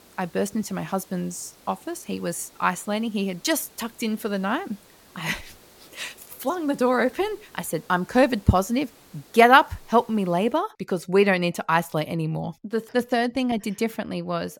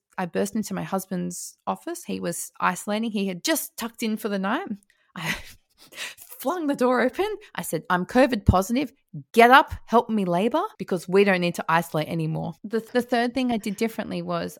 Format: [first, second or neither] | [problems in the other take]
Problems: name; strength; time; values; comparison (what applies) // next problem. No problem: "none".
second | hiss; faint; until 11 s; 25 dB below the speech